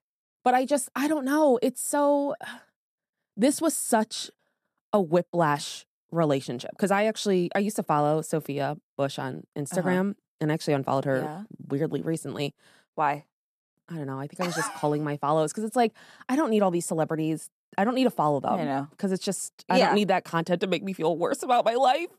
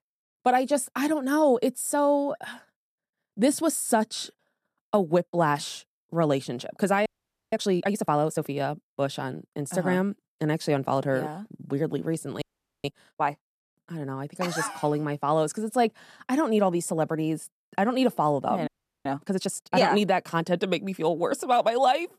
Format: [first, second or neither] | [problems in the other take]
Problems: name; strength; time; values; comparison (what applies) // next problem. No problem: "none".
first | audio freezing; at 7 s, at 12 s and at 19 s